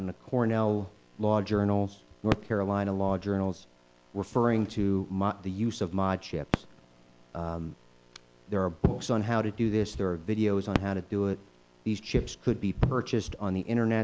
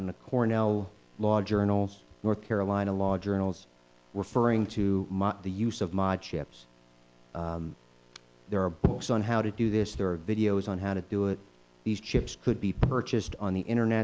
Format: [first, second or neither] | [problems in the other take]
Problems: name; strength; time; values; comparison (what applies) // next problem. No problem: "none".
second | background sound (Fireworks); 14 dB below the speech